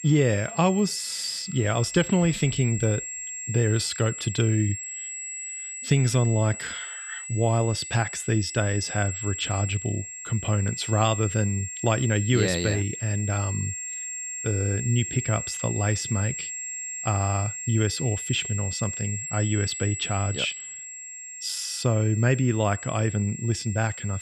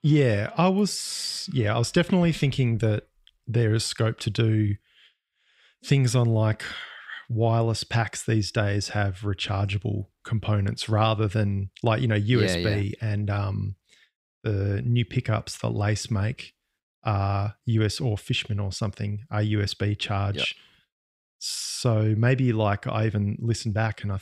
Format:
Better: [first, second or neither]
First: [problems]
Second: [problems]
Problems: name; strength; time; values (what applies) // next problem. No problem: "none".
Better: second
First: high-pitched whine; loud; throughout; 7.5 kHz, 7 dB below the speech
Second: none